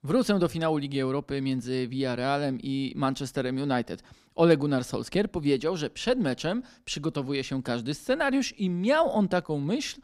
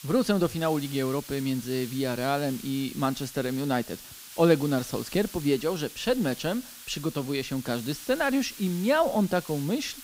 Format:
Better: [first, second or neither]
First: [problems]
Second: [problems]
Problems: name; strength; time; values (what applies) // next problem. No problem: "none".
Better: first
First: none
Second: hiss; noticeable; throughout; 15 dB below the speech